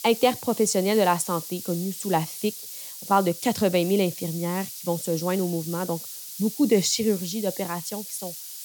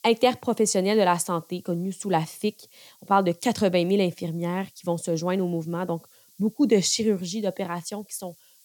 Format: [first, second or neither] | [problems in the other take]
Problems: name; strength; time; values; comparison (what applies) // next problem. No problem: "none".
second | hiss; loud; throughout; 10 dB below the speech; faint in the second